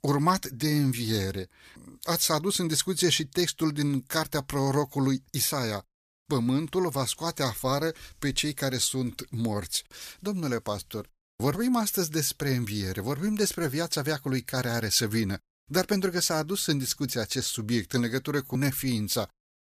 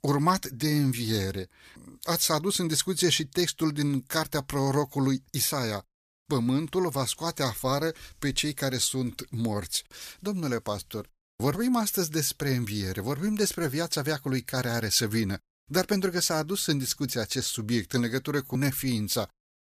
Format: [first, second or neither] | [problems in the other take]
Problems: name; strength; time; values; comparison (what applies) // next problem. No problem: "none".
neither | none